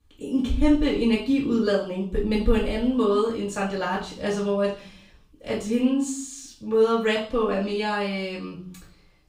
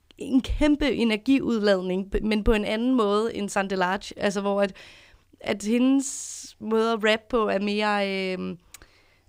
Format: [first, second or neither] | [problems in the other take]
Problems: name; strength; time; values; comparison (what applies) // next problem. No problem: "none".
second | off-mic speech; far // room echo; noticeable; dies away in 0.5 s